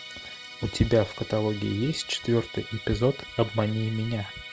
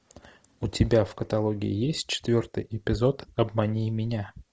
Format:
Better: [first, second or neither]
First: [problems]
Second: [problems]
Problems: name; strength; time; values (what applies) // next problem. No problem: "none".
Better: second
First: background sound (Musical instrument); 14 dB below the speech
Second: none